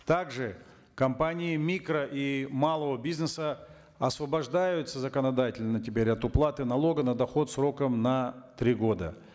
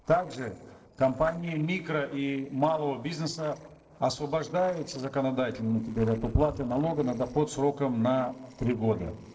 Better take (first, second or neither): first